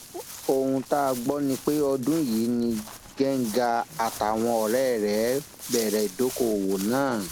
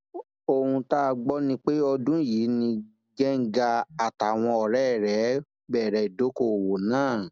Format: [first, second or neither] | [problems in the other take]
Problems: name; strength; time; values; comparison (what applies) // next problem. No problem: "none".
second | background sound (Walk, footsteps); 14 dB below the speech